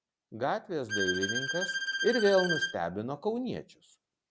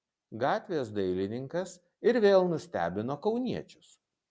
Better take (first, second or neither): second